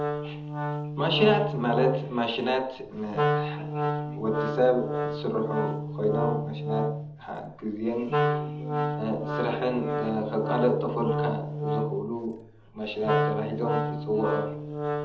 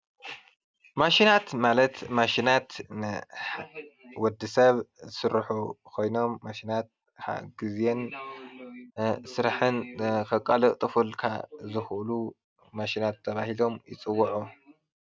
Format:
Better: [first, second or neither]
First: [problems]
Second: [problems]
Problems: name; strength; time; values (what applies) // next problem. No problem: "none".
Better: second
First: background sound (Wind instrument, woodwind instrument); 1 dB below the speech // room echo; dies away in 0.8 s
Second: none